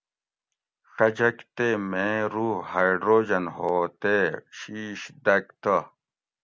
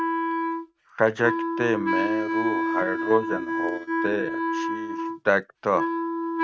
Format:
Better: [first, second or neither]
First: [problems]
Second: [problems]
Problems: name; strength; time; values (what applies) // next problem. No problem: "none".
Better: first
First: none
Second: noise reduction (neural mask model RNNoise)